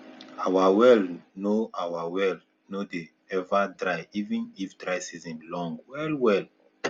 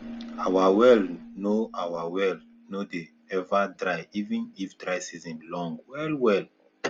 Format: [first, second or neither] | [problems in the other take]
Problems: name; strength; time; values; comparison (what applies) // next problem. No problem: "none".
first | background sound (Keyboard (musical)); 20 dB below the speech